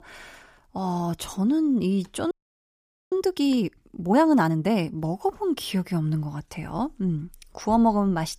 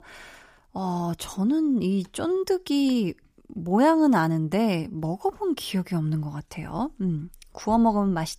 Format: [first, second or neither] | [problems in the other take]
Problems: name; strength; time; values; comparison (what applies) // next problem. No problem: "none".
second | audio freezing; at 2.5 s for 1 s